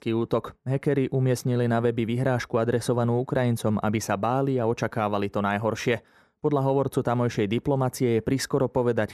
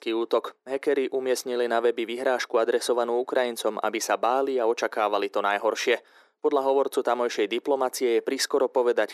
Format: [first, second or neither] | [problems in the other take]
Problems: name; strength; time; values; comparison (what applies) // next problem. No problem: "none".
first | thin; very; fading below 350 Hz